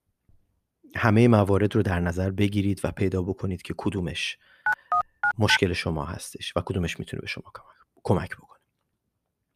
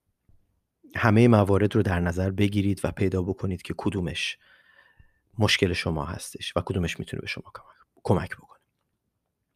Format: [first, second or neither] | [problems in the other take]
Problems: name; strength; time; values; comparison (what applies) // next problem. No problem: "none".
second | phone ringing; loud; at 4.5 s; peak 1 dB above the speech